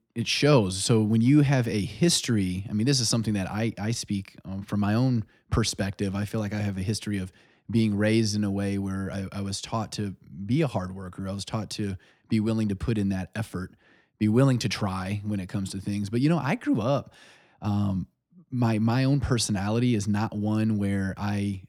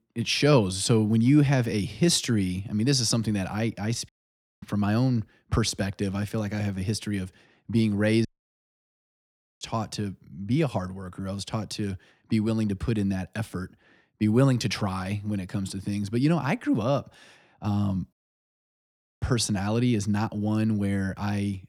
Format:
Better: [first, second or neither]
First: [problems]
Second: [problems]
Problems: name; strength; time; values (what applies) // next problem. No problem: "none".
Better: first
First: none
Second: audio cutting out; at 4 s for 0.5 s, at 8.5 s for 1.5 s and at 18 s for 1 s